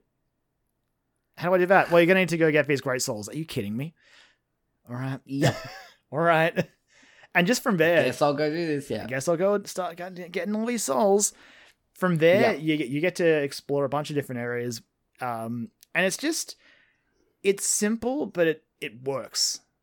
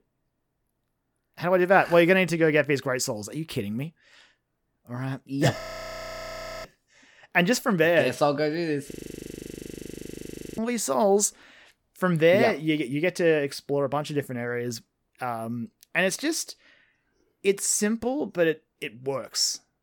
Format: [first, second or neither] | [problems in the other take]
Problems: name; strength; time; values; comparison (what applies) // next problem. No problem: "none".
first | audio freezing; at 5.5 s for 1 s and at 9 s for 1.5 s